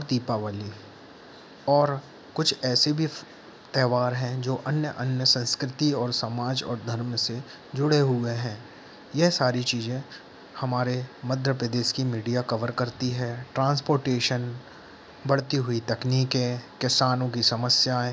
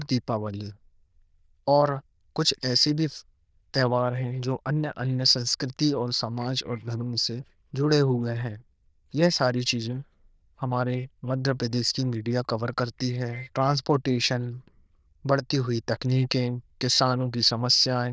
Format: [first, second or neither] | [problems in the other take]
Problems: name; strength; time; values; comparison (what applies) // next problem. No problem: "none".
first | noise reduction (neural diffusion model UNIVERSE++)